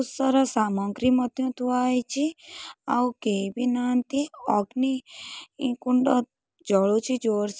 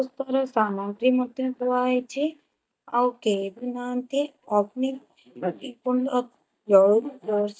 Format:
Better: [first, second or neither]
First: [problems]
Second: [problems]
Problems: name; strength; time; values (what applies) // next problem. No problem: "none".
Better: first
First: none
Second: noise reduction (neural mask model DeepFilterNet 3)